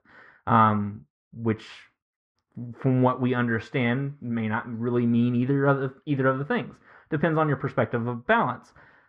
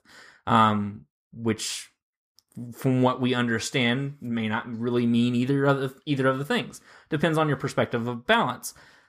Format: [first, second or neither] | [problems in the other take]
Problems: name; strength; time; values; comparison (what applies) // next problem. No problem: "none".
second | muffled; very; fading above 1.5 kHz